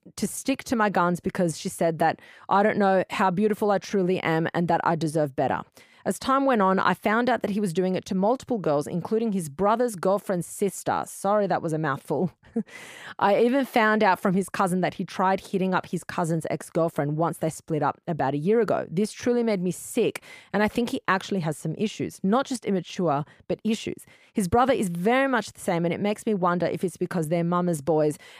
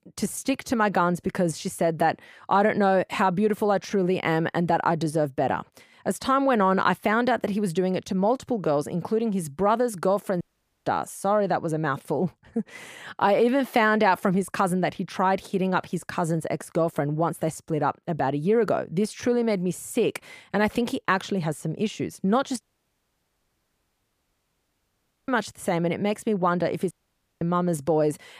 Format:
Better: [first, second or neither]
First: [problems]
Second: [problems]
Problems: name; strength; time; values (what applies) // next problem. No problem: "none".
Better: first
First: none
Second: audio cutting out; at 10 s, at 23 s for 2.5 s and at 27 s for 0.5 s